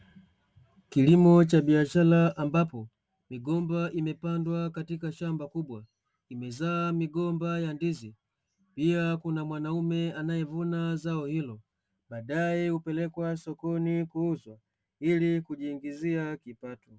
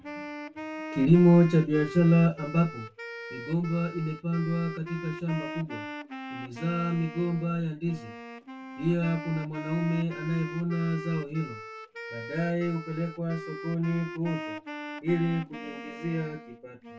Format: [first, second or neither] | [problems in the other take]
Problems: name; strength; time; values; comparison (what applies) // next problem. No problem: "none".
first | background sound (Wind instrument, woodwind instrument); 12 dB below the speech // room echo; dies away in 0.2 s